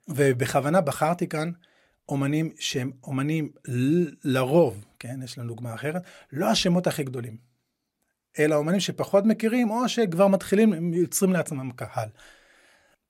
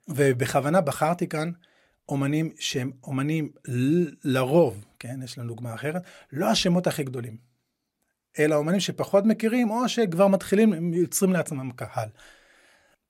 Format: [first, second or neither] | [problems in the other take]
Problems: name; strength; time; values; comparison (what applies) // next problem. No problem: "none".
neither | none